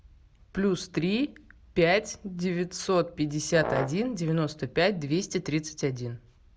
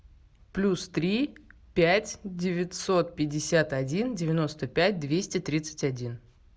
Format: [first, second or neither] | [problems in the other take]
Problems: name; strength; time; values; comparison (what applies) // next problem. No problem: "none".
second | background sound (Brass instrument); 8 dB below the speech